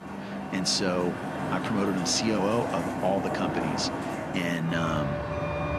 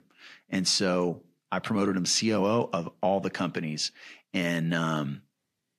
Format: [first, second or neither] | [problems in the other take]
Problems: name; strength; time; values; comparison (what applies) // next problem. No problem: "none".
second | traffic noise; loud; throughout; 3 dB below the speech